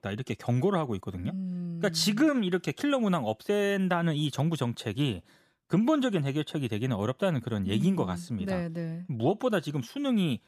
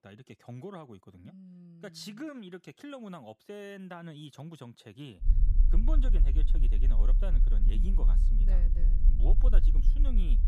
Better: first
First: none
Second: low rumble; loud; from 5.5 s on; 7 dB below the speech

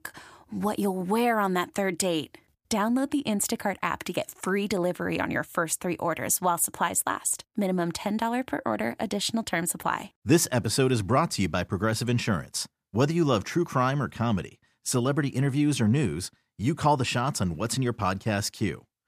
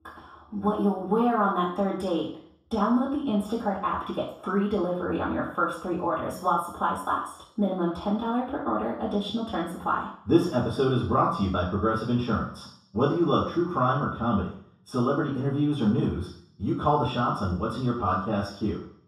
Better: first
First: none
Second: room echo; noticeable; dies away in 0.6 s // off-mic speech; far

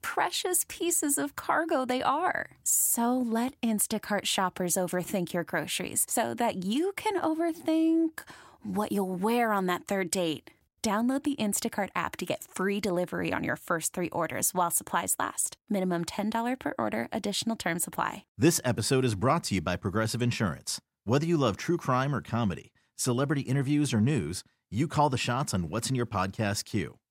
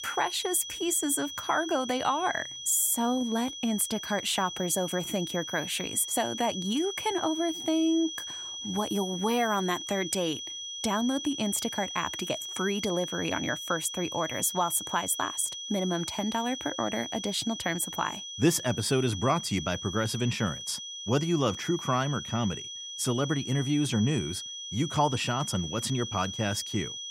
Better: first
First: none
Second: high-pitched whine; loud; throughout; 3.5 kHz, 7 dB below the speech

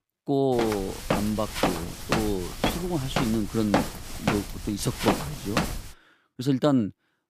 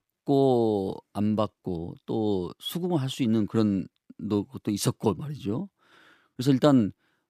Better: second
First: footsteps; loud; from 0.5 to 6 s; peak 1 dB above the speech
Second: none

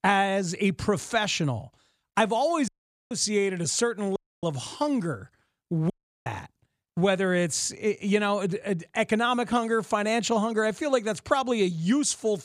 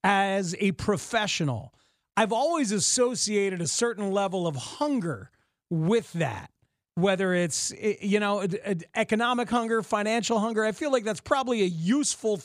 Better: second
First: audio cutting out; at 2.5 s, at 4 s and at 6 s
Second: none

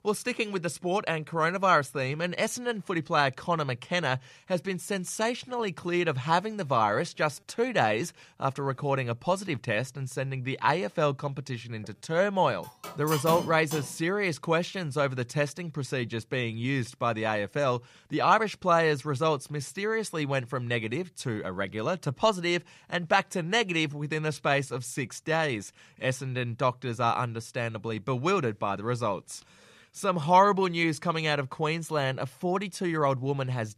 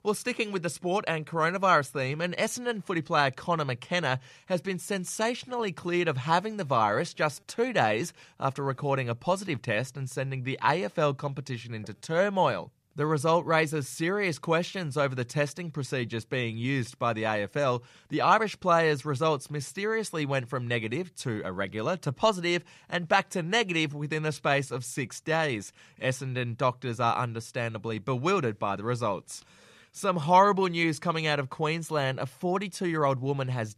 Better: second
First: clattering dishes; noticeable; from 13 to 14 s; peak 4 dB below the speech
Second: none

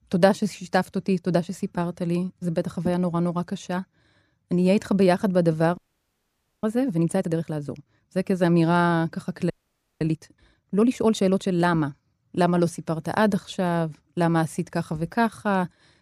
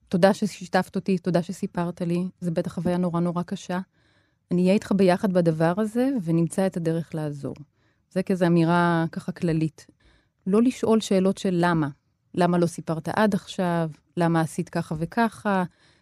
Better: second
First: audio freezing; at 6 s for 1 s and at 9.5 s for 0.5 s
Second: none

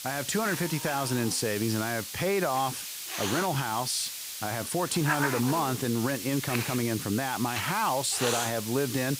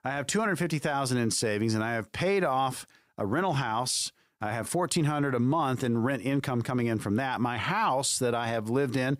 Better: second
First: hiss; loud; throughout; 5 dB below the speech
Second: none

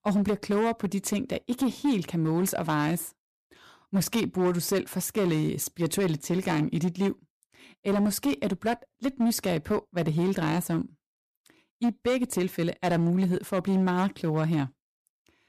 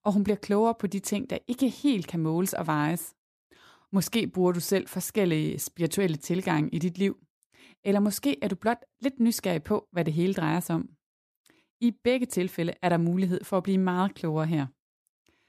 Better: second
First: distortion; slight; 9% of the sound clipped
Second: none

